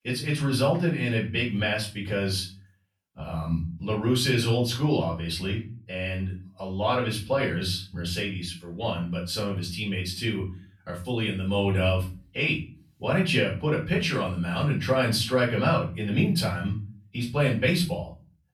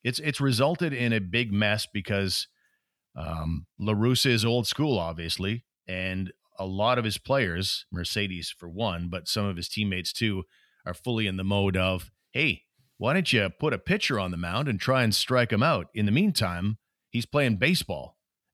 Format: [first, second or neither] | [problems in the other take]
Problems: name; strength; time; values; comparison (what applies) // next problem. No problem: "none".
second | off-mic speech; far // room echo; slight; dies away in 0.4 s